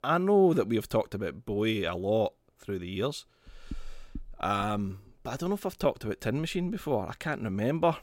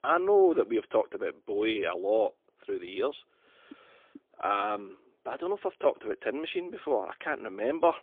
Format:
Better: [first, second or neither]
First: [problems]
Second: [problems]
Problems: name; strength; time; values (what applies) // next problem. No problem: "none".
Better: first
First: none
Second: phone-call audio; poor line; nothing above 3.5 kHz